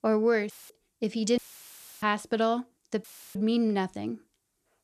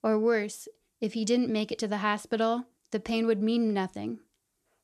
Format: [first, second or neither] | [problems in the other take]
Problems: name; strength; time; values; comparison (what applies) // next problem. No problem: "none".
second | audio cutting out; filled with static; at 0.5 s, at 1.5 s for 0.5 s and at 3 s